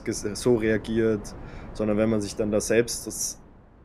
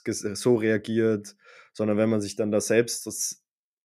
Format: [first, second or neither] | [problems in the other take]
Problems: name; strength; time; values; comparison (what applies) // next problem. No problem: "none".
second | wind noise on the microphone; occasional gusts; 20 dB below the speech